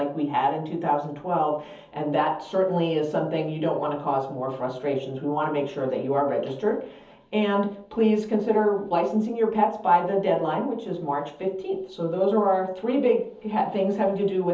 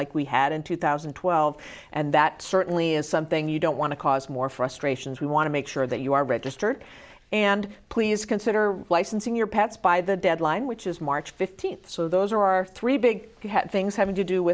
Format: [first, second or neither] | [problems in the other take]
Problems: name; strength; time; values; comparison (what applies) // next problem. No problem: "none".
second | room echo; dies away in 0.7 s